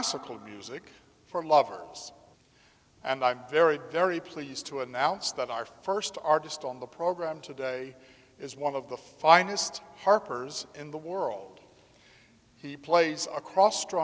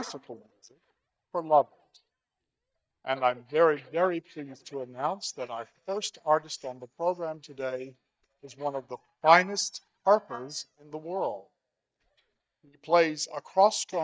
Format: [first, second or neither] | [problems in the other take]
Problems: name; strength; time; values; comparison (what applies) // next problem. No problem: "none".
first | noise reduction (neural mask model DeepFilterNet 3)